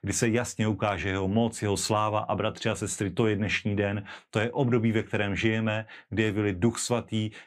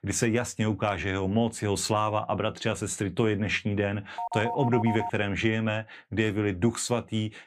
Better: first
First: none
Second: phone ringing; noticeable; at 4 s; peak 5 dB below the speech

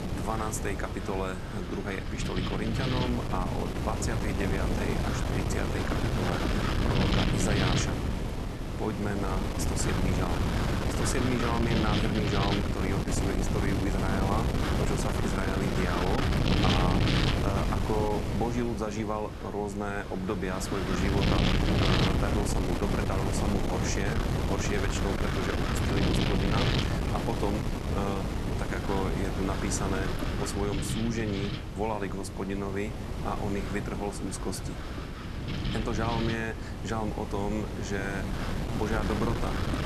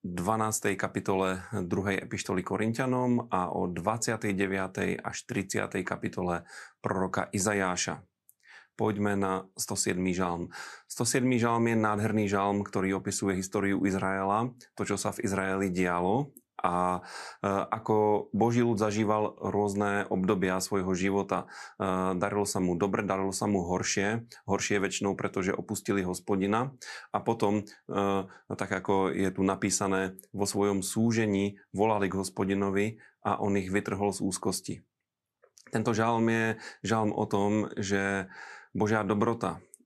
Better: second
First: wind noise on the microphone; heavy; 1 dB above the speech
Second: none

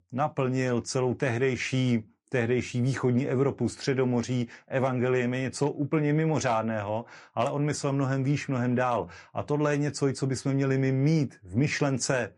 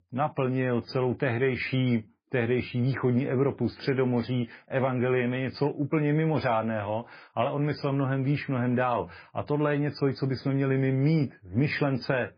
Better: first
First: garbled, watery; slightly; nothing above 10.5 kHz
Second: garbled, watery; badly; nothing above 5 kHz

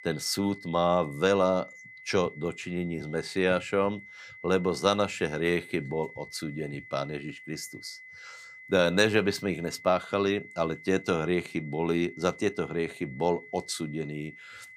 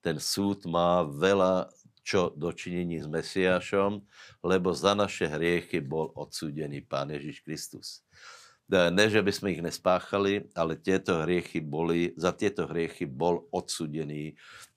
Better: second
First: high-pitched whine; noticeable; throughout; 2 kHz, 15 dB below the speech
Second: none

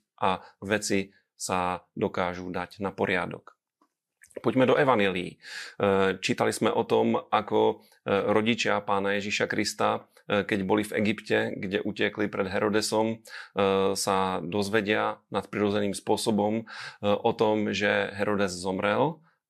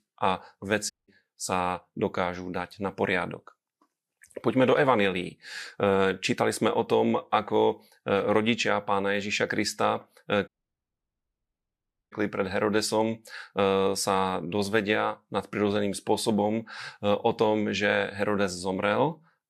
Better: first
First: none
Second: audio cutting out; at 1 s and at 10 s for 1.5 s

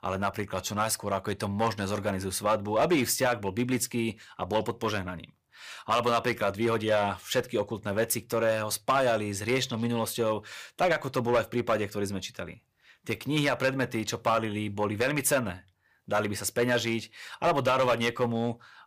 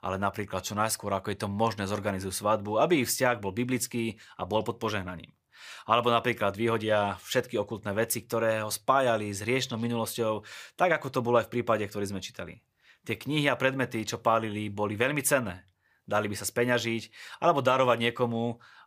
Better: second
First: distortion; slight; 3% of the sound clipped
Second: none

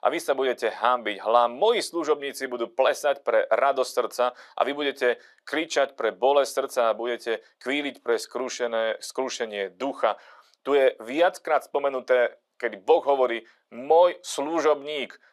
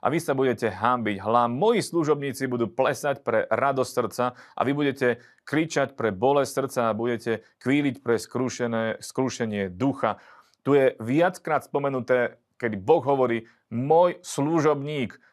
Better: second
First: thin; somewhat; fading below 350 Hz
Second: none

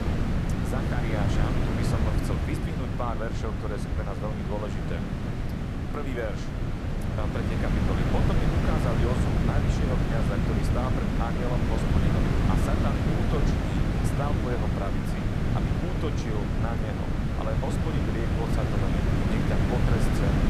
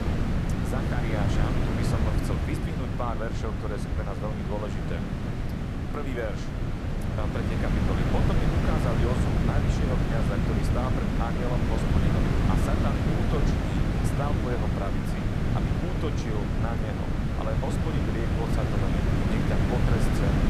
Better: neither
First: wind noise on the microphone; heavy; 3 dB above the speech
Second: wind noise on the microphone; heavy; 3 dB above the speech

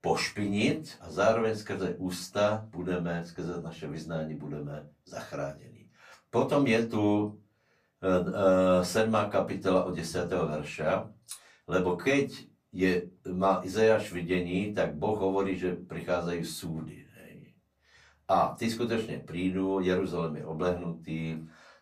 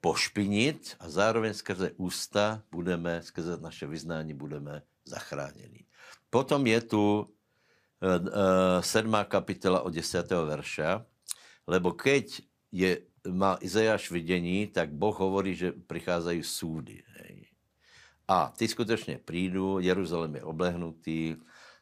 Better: second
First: off-mic speech; far // room echo; very slight; dies away in 0.2 s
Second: none

